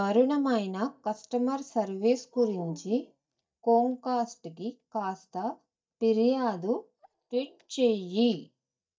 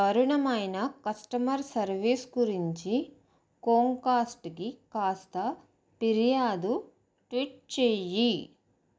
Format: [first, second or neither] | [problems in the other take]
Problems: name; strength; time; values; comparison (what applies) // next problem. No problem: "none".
second | noise reduction (neural mask model DeepFilterNet 3)